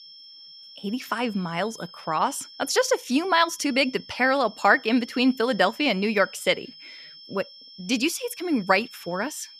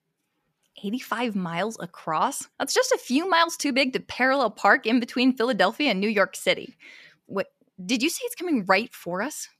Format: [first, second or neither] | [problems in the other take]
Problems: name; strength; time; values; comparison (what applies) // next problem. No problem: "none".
second | high-pitched whine; noticeable; throughout; 5.5 kHz, 20 dB below the speech